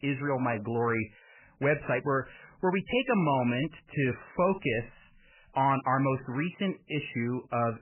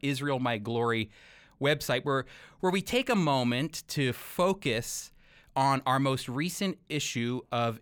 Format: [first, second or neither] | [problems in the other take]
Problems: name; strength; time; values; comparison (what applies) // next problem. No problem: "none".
second | garbled, watery; badly; nothing above 3 kHz